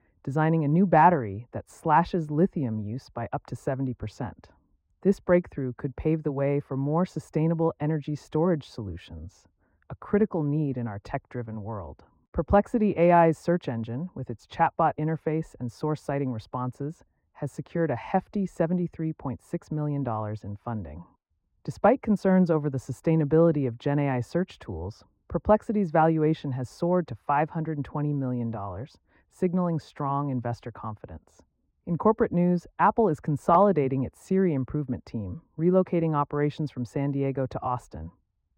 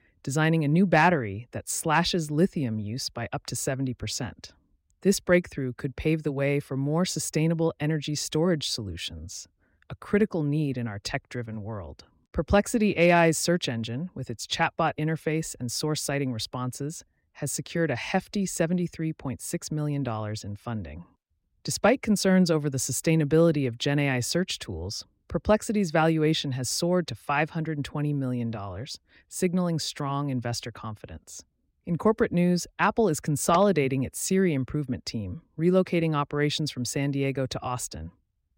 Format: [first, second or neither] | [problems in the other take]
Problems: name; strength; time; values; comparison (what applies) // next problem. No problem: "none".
second | muffled; very; fading above 2.5 kHz